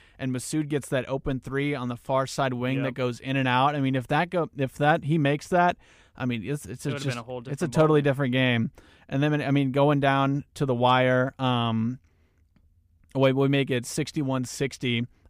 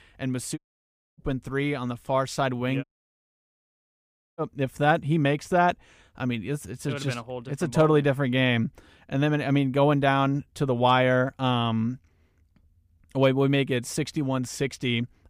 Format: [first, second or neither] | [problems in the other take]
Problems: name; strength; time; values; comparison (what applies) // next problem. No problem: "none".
first | audio cutting out; at 0.5 s for 0.5 s and at 3 s for 1.5 s